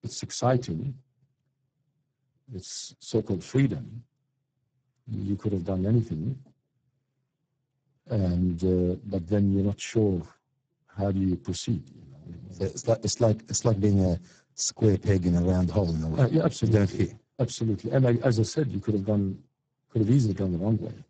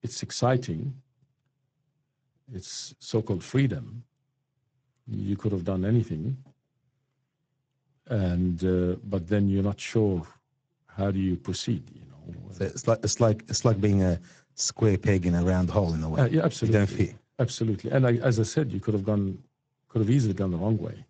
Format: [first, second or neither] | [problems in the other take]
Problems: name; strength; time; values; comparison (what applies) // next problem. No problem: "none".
second | garbled, watery; badly; nothing above 7.5 kHz; slightly in the second